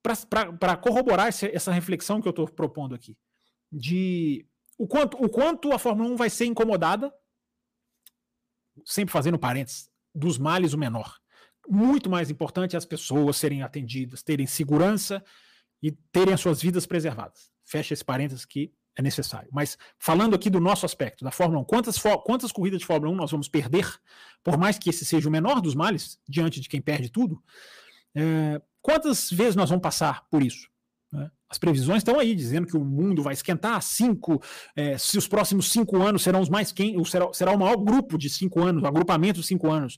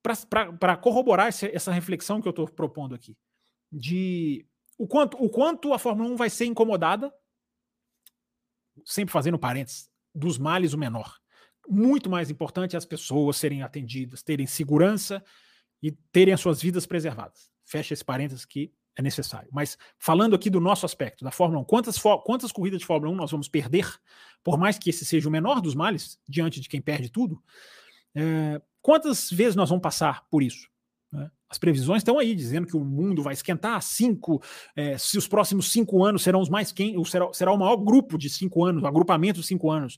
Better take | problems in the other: second | distortion; slight; 4% of the sound clipped

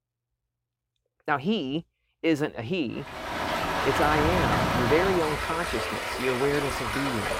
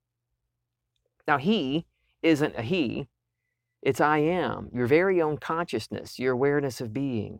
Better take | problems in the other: second | rain or running water; very loud; from 3 s on; 1 dB above the speech

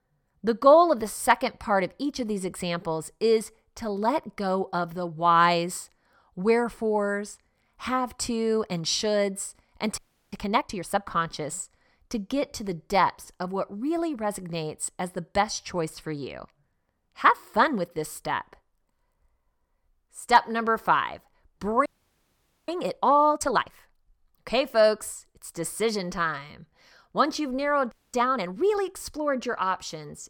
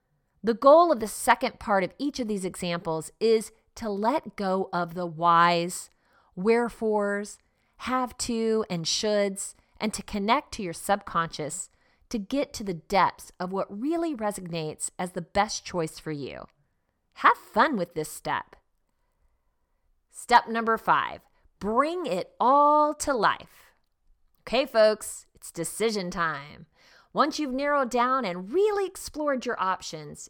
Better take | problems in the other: second | audio freezing; at 10 s, at 22 s for 1 s and at 28 s

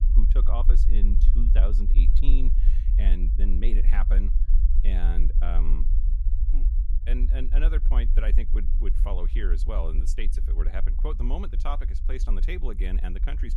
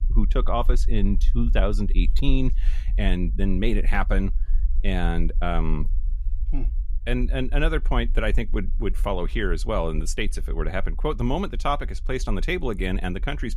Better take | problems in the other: second | low rumble; loud; throughout; 9 dB below the speech; faint in the second

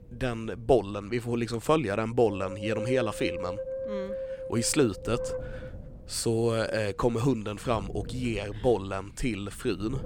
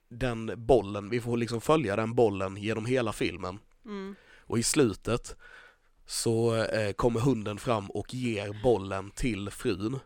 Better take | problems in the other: second | wind noise on the microphone; heavy; 8 dB below the speech

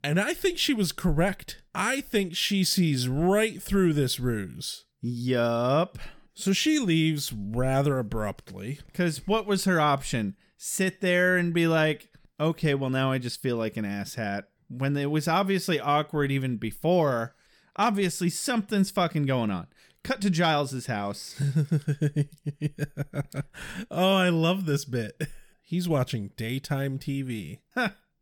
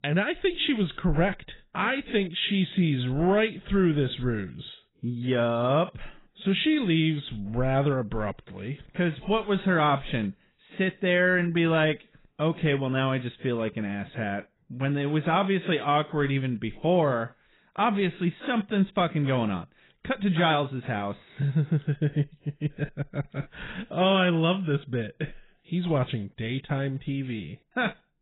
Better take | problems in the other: first | garbled, watery; badly; nothing above 4 kHz

